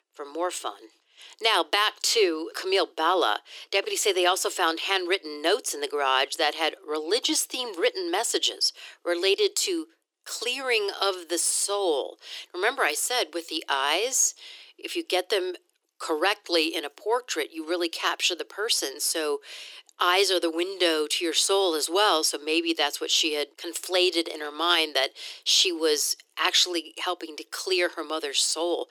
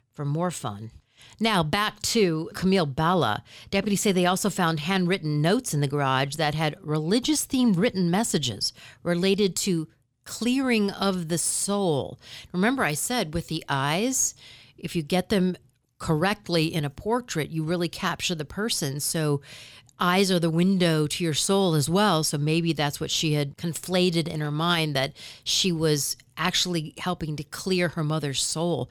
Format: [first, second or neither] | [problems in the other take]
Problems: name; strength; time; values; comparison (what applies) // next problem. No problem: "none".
second | thin; very; fading below 350 Hz